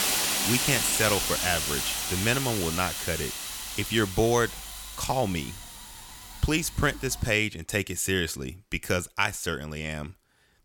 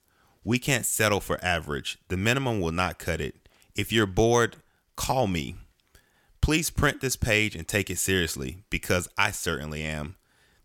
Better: second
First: hiss; loud; until 7.5 s; as loud as the speech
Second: none

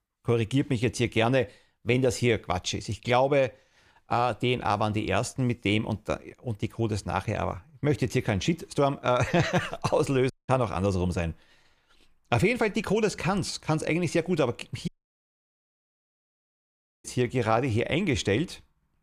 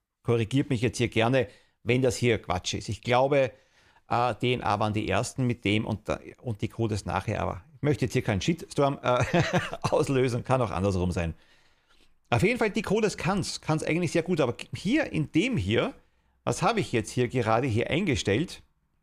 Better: second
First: audio cutting out; at 10 s and at 15 s for 2 s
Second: none

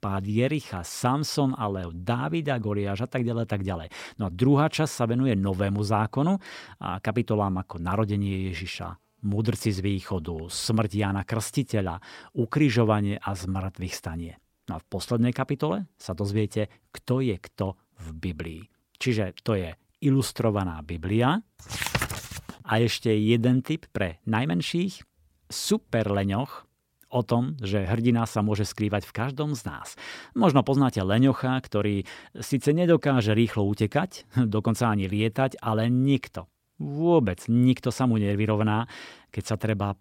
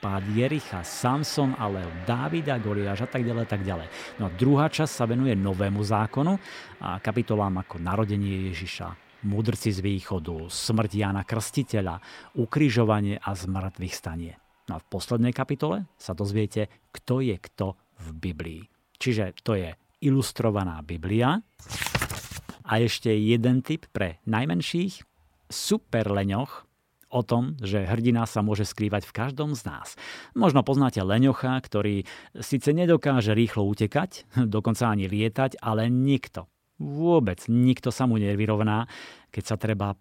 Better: first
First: none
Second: crowd noise; noticeable; throughout; 20 dB below the speech

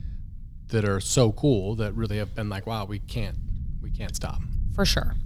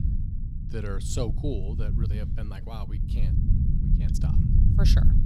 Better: first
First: low rumble; faint; throughout; 25 dB below the speech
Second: low rumble; loud; throughout; 2 dB below the speech

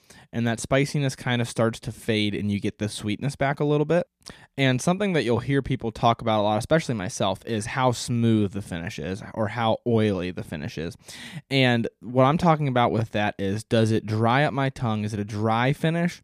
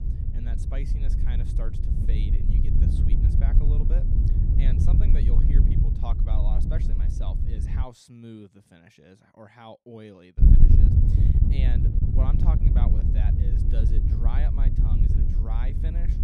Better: first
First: none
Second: wind noise on the microphone; heavy; until 8 s and from 10 s on; 4 dB above the speech

